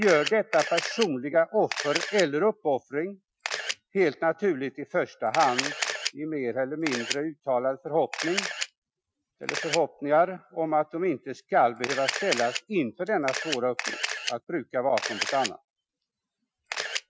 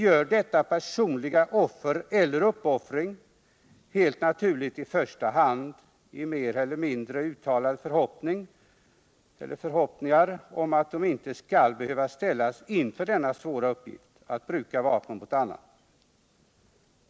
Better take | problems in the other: second | noise reduction (classical method Wiener filter)

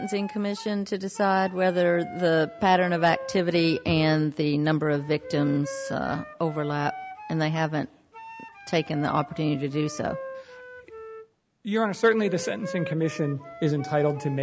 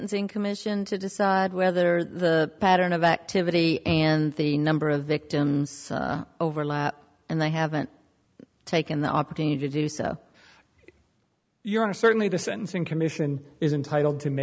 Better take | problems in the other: second | background sound (Wind instrument, woodwind instrument); 15 dB below the speech

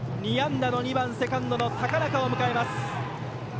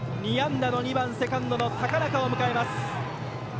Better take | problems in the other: first | background sound (Chime); 19 dB below the speech

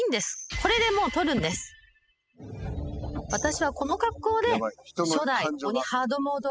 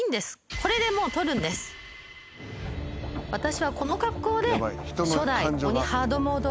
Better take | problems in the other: second | noise reduction (classical method spectral subtraction)

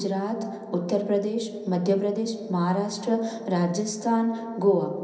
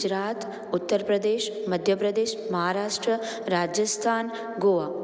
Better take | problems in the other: second | room echo; dies away in 0.6 s

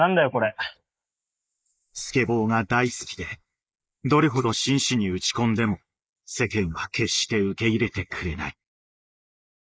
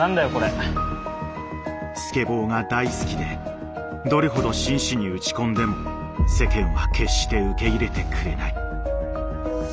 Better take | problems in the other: second | noise reduction (neural mask model Resemble Enhance denoiser)

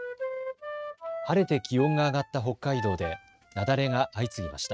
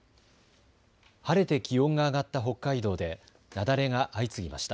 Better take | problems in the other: second | noise reduction (neural mask model RNNoise)

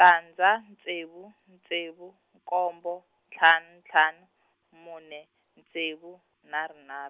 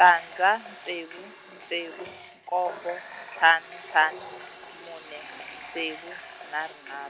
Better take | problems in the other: first | background sound (Water tap, faucet); 15 dB below the speech

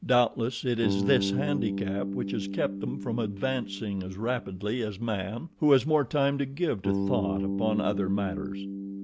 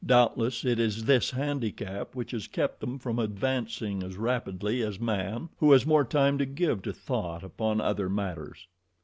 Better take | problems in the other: second | background sound (Bass guitar); 5 dB below the speech

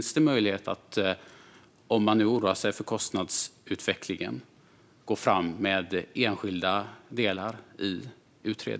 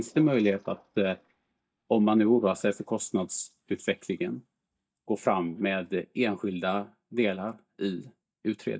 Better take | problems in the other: first | noise reduction (neural mask model DeepFilterNet 3)

